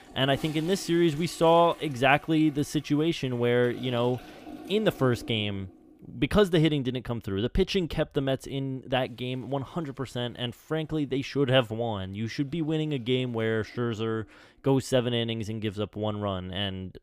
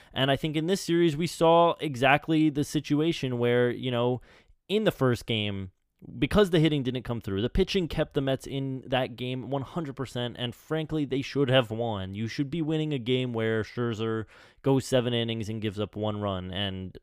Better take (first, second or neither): second